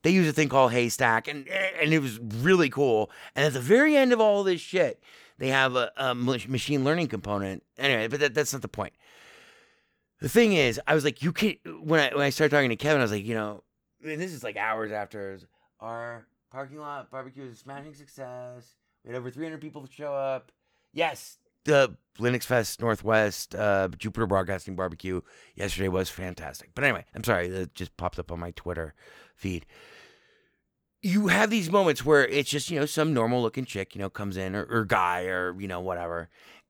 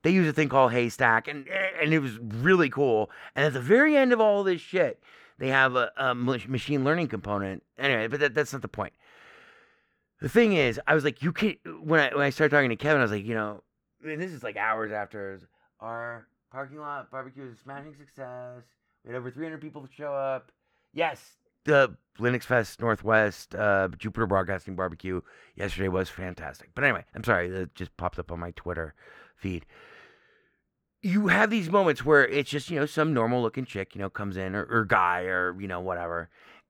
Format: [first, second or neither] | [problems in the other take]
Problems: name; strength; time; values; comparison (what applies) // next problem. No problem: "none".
first | muffled; slightly; fading above 3.5 kHz